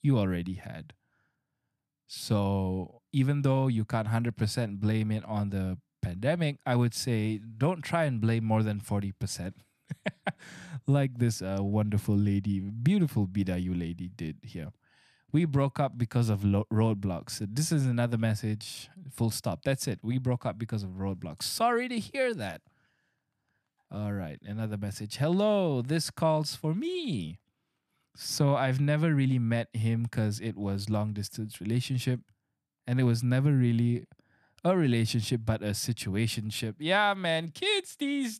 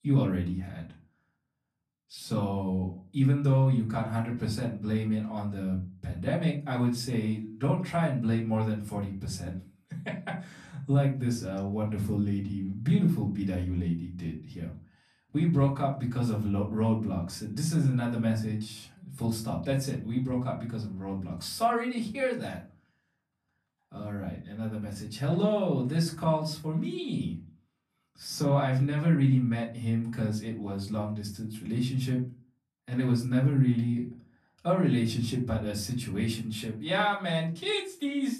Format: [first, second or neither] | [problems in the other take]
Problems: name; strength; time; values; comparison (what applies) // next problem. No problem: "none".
first | off-mic speech; far // room echo; slight; dies away in 0.3 s